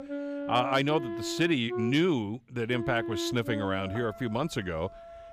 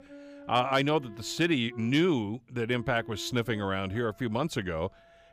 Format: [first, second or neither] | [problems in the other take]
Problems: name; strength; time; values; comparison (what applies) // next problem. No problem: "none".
second | background music; loud; throughout; 7 dB below the speech; faint in the second